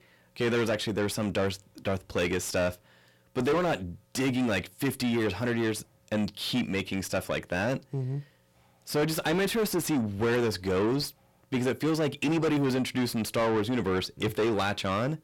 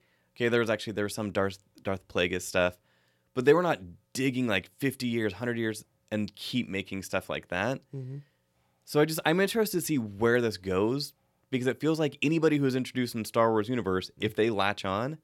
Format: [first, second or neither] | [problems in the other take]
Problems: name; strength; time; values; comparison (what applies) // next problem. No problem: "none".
second | distortion; heavy; 6 dB below the speech